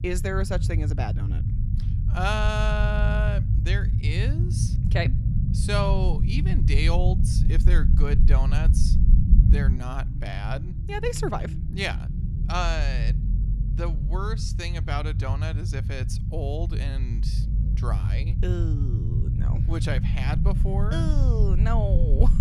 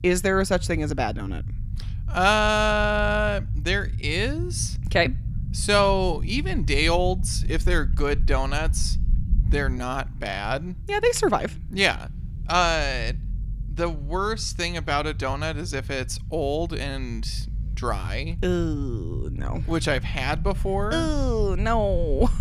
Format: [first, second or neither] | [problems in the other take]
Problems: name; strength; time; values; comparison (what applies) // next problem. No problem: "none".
second | low rumble; loud; throughout; 7 dB below the speech; faint in the second